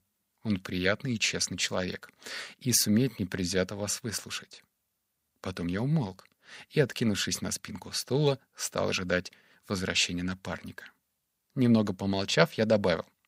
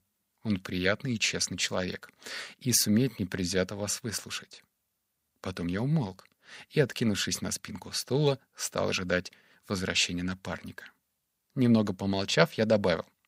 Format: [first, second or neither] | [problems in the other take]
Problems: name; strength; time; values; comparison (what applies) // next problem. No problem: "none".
neither | none